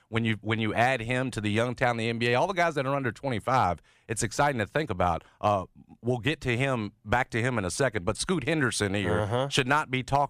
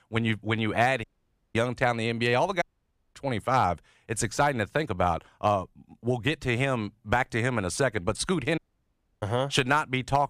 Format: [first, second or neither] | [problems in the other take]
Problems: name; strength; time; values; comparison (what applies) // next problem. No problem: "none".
first | audio cutting out; at 1 s for 0.5 s, at 2.5 s for 0.5 s and at 8.5 s for 0.5 s